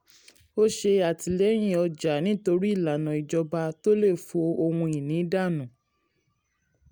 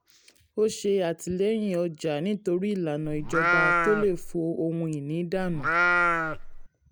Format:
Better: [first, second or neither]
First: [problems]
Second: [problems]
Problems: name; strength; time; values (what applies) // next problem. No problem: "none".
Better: first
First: none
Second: background sound (Livestock, farm animals, working animals); 3 dB above the speech